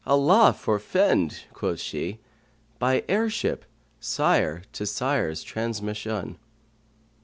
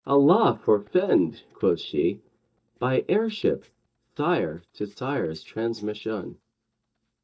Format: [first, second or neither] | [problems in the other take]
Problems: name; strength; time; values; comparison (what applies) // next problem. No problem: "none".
first | noise reduction (neural mask model DeepFilterNet 3)